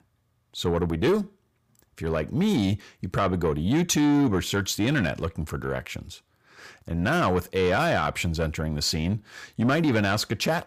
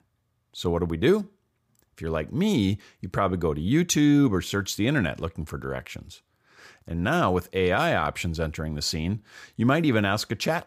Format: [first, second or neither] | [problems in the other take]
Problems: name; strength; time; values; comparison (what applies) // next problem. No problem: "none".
second | distortion; slight; 10 dB below the speech